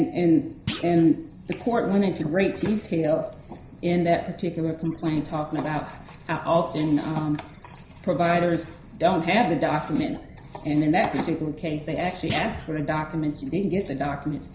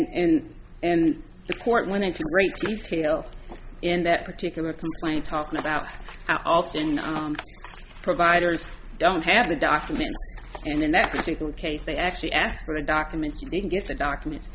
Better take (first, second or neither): second